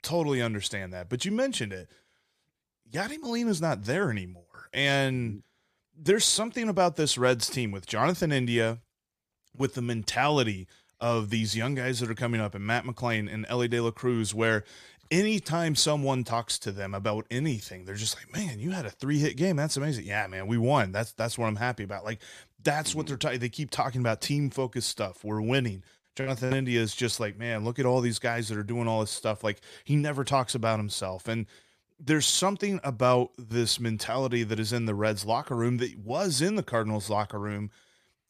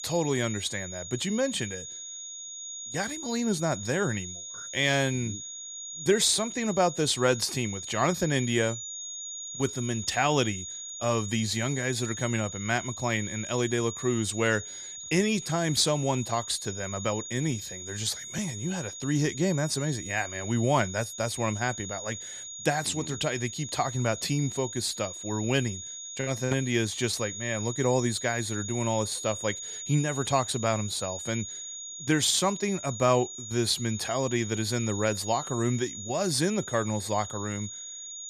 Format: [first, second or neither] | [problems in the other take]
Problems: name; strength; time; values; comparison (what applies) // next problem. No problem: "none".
first | high-pitched whine; loud; throughout; 6.5 kHz, 8 dB below the speech